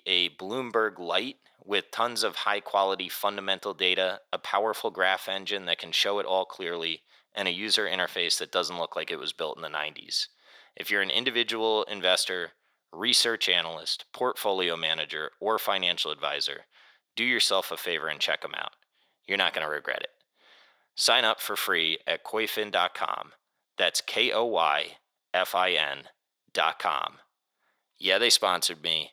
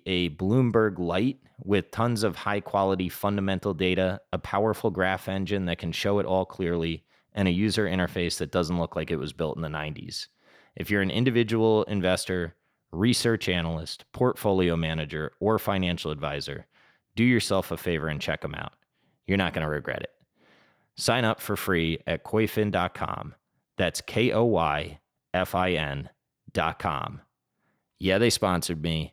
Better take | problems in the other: second | thin; very; fading below 600 Hz

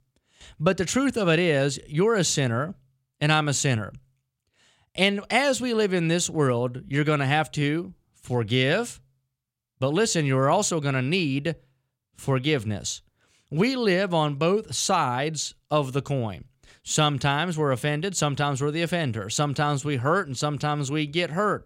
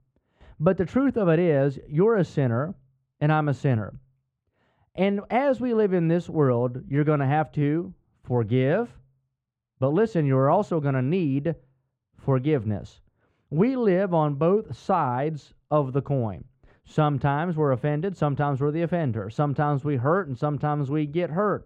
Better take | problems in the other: first | muffled; very; fading above 3 kHz

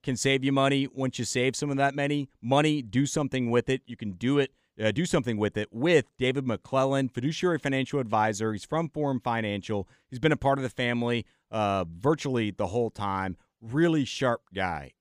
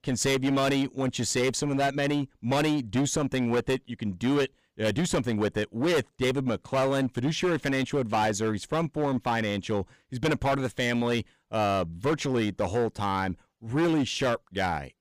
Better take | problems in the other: first | distortion; heavy; 14% of the sound clipped

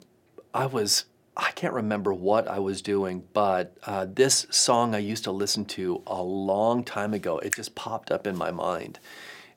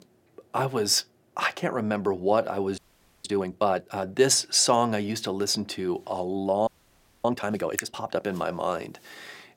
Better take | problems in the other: first | audio freezing; at 3 s and at 6.5 s for 0.5 s

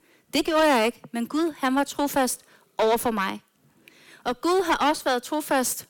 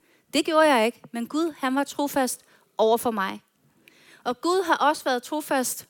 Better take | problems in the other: second | distortion; slight; 10% of the sound clipped

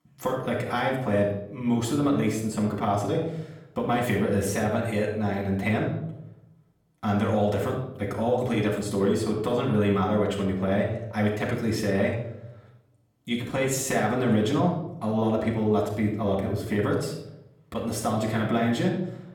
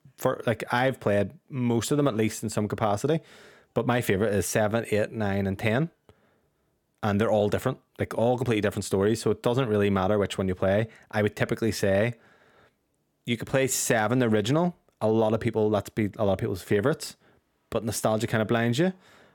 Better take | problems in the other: second | room echo; noticeable; dies away in 0.7 s // off-mic speech; far

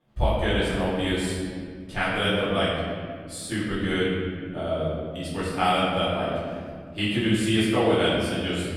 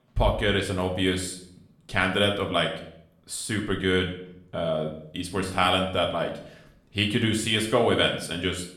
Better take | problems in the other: second | room echo; strong; dies away in 2 s; slight in the second // off-mic speech; far; somewhat distant in the second

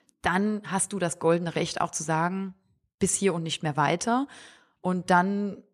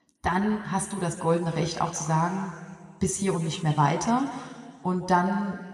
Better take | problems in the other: first | room echo; slight; dies away in 1.9 s

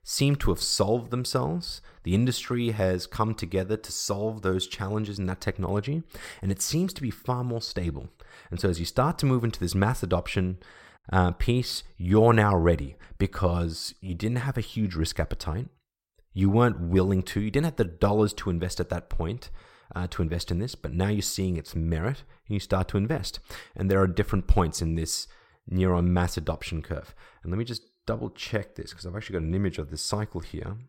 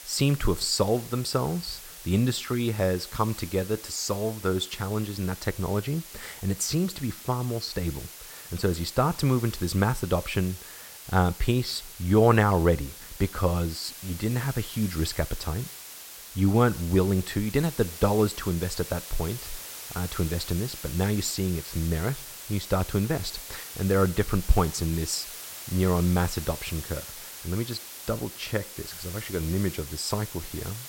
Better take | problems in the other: first | hiss; noticeable; throughout; 10 dB below the speech

